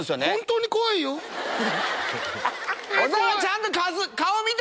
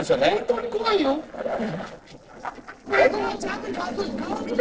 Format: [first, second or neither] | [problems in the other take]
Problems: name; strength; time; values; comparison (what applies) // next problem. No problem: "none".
first | noise reduction (neural separator model SepFormer DNS4)